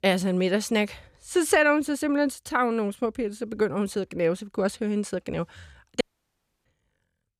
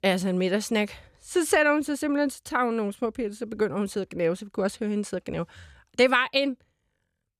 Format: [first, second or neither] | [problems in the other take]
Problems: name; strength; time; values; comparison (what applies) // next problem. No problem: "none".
second | audio cutting out; at 6 s for 0.5 s